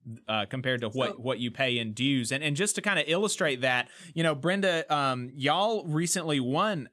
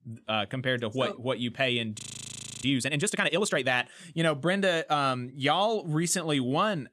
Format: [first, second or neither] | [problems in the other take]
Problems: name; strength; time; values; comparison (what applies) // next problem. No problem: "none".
first | audio freezing; at 2 s for 0.5 s